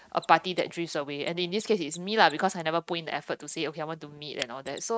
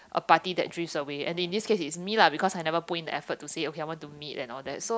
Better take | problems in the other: second | noise reduction (neural mask model RNNoise)

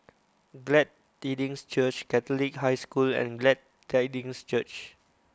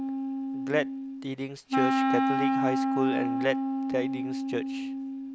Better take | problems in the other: first | background sound (Wind instrument, woodwind instrument); 4 dB above the speech

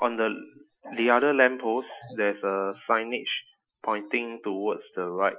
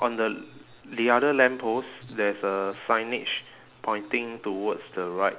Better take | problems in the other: second | noise reduction (classical method Wiener filter)

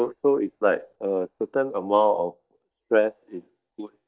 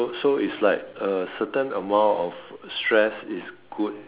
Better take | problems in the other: second | noise reduction (neural mask model DeepFilterNet 3)

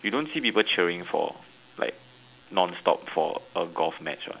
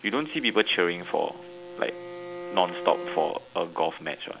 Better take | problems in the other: first | background sound (Bowed string instrument); 12 dB below the speech

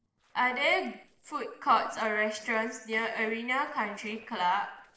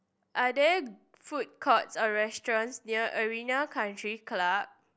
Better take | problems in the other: second | noise reduction (neural separator model SepFormer DNS4)

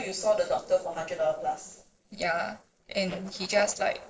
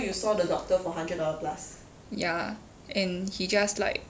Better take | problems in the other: second | noise reduction (neural separator model SepFormer DNS4)

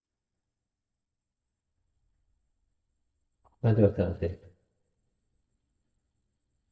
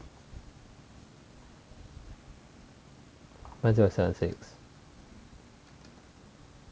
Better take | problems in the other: second | noise reduction (neural mask model DeepFilterNet 3)

